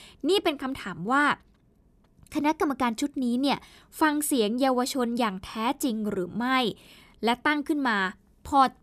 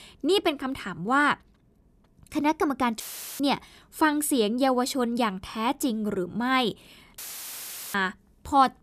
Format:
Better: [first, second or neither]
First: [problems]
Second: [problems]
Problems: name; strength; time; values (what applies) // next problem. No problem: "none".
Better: first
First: none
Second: audio cutting out; filled with static; at 3 s and at 7 s for 1 s